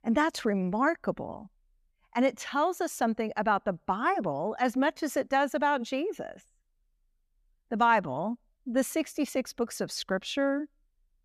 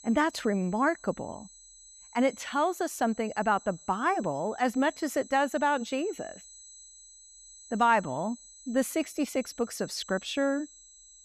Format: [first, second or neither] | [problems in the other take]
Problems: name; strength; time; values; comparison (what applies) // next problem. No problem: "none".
first | high-pitched whine; noticeable; throughout; 8 kHz, 20 dB below the speech